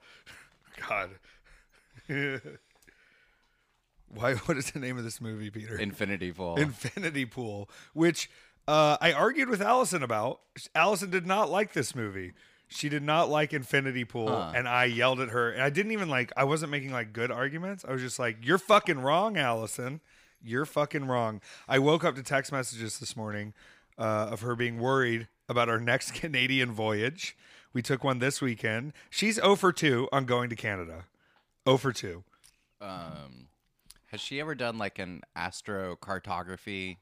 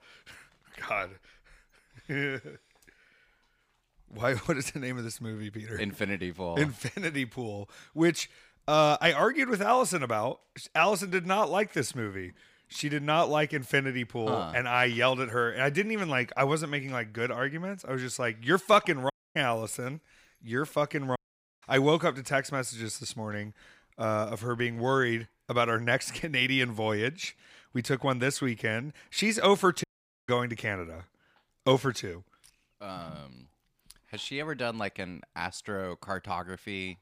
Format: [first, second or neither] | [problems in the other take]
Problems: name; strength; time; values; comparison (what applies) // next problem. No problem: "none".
first | audio cutting out; at 19 s, at 21 s and at 30 s